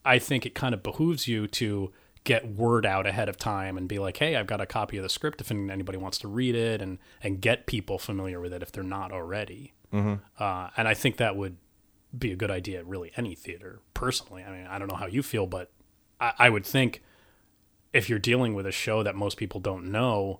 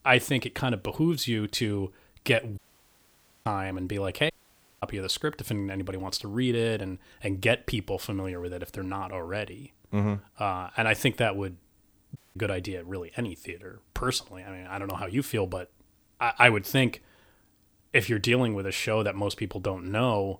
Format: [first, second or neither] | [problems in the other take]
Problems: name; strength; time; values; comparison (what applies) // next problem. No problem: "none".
first | audio cutting out; at 2.5 s for 1 s, at 4.5 s for 0.5 s and at 12 s